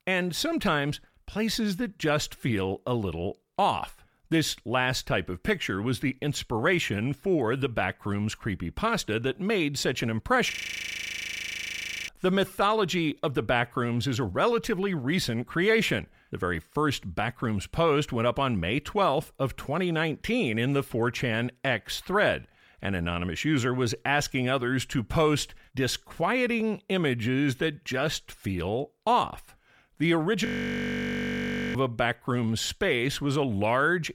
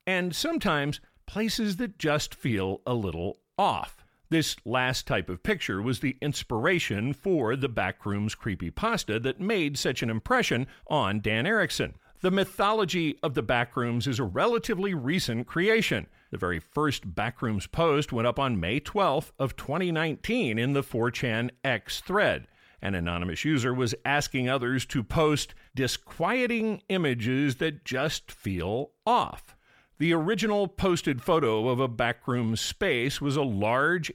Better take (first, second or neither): second